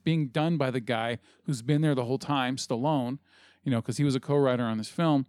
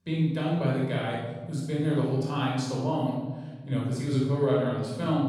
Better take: first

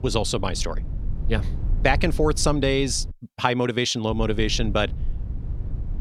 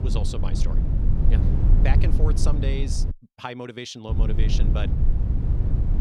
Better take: first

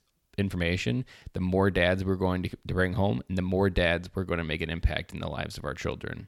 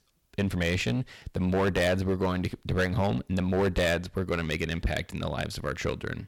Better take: first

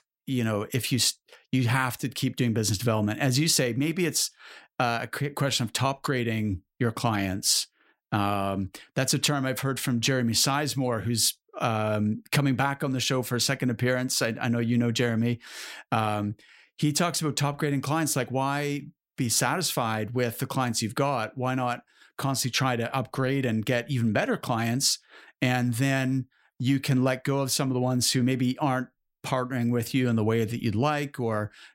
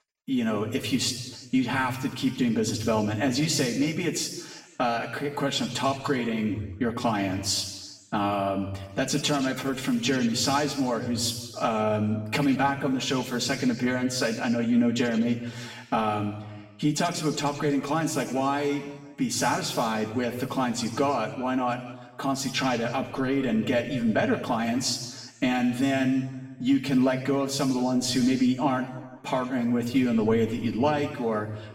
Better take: first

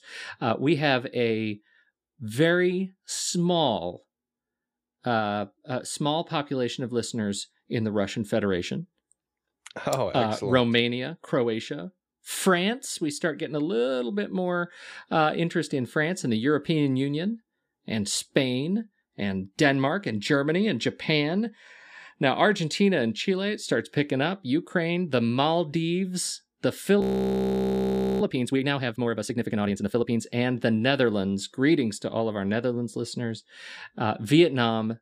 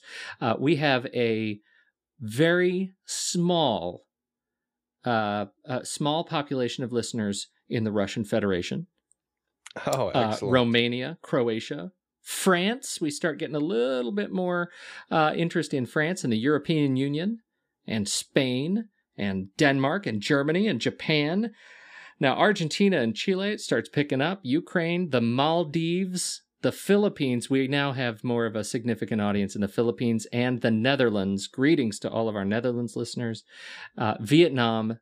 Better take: second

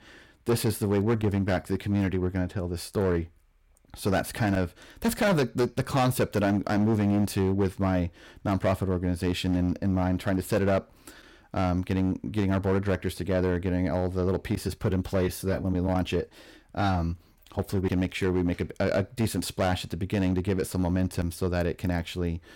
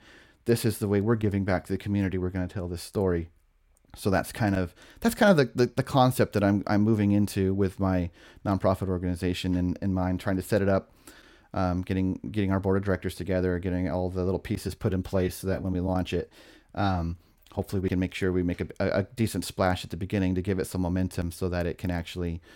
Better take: second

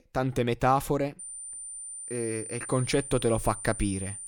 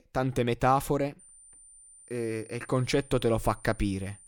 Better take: second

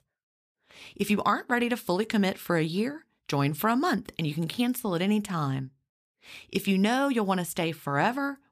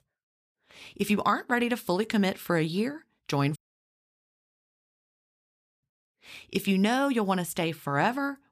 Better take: first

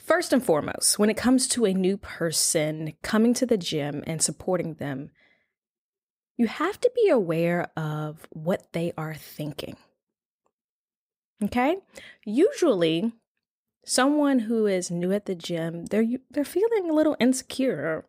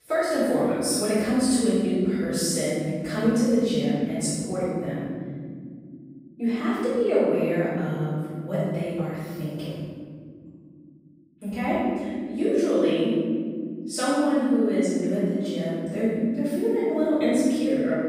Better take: first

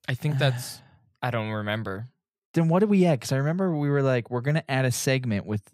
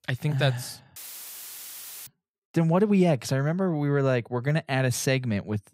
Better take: first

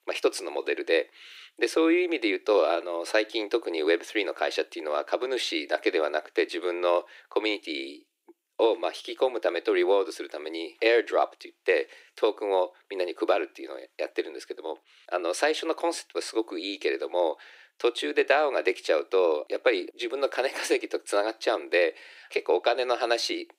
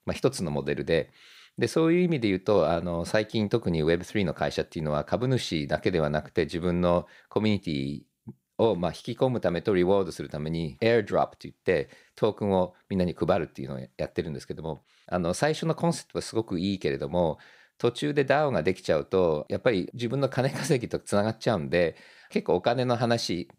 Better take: second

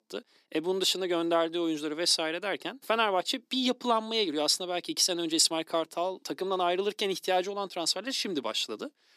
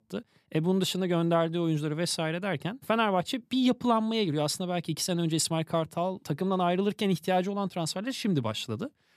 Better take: second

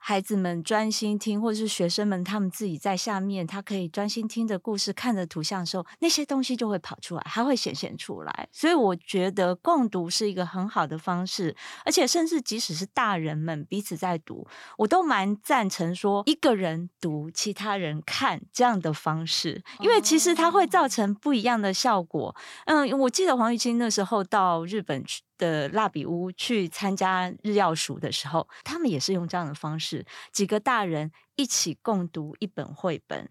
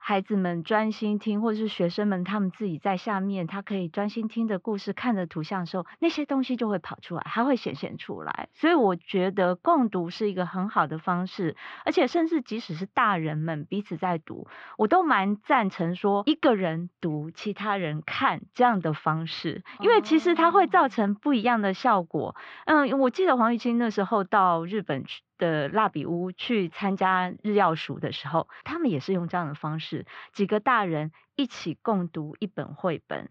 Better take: first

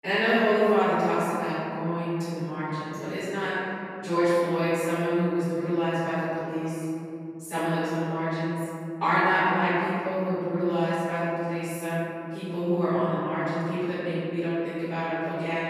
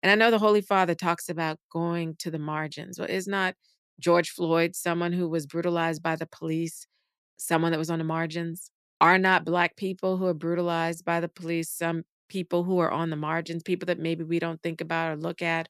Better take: second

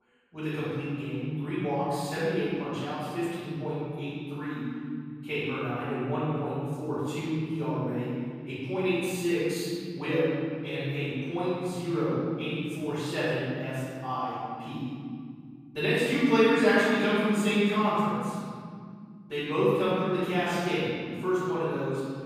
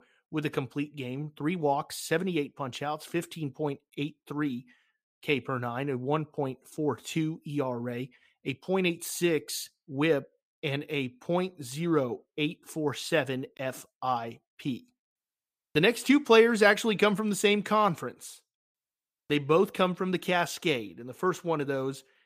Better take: second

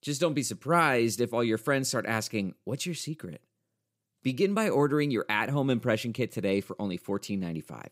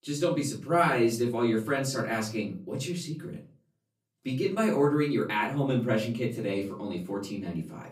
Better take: first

